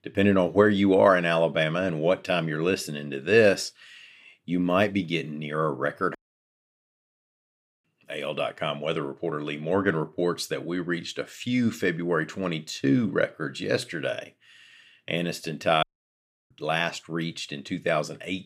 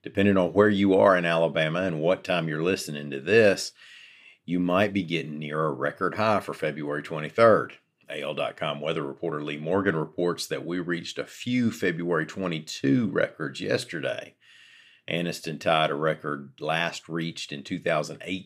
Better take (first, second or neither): second